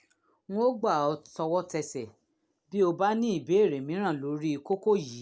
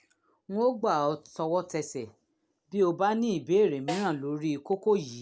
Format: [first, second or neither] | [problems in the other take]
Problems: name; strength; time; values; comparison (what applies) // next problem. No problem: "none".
first | background sound (Snare drum); 13 dB below the speech